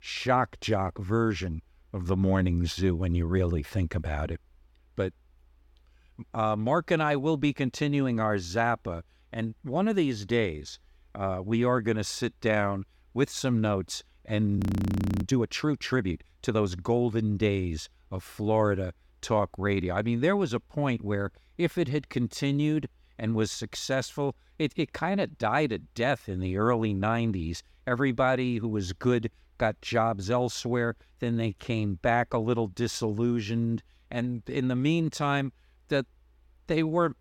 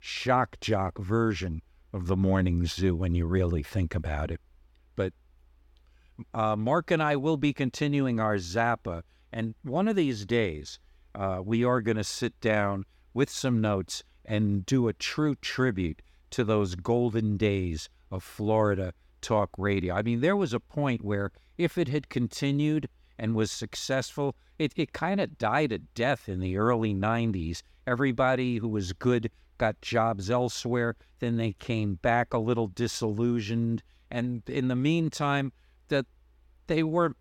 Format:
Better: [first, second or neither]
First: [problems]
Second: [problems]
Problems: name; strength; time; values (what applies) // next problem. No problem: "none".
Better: second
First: audio freezing; at 15 s for 0.5 s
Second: none